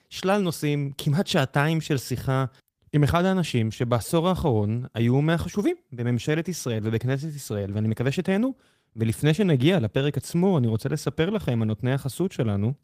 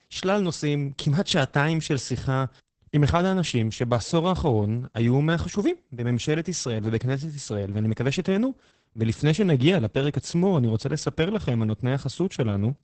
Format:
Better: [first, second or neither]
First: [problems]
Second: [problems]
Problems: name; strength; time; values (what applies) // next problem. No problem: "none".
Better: first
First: garbled, watery; slightly; nothing above 15 kHz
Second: garbled, watery; badly; nothing above 8 kHz